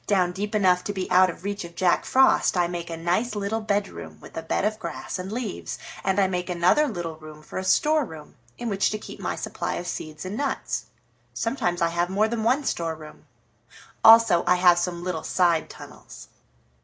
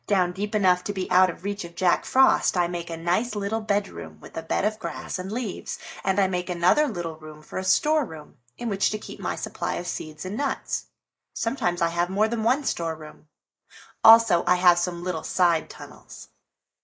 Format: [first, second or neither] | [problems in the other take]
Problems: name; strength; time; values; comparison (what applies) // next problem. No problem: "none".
first | noise reduction (neural mask model Resemble Enhance denoiser)